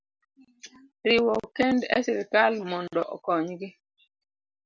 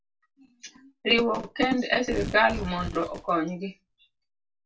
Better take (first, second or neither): first